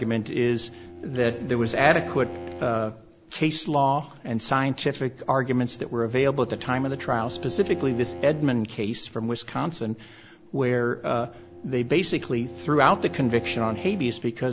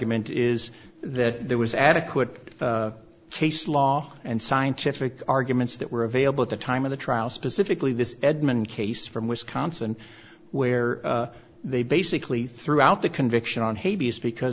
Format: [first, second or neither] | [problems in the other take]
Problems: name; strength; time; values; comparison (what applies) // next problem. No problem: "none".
second | background sound (Bowed string instrument); 15 dB below the speech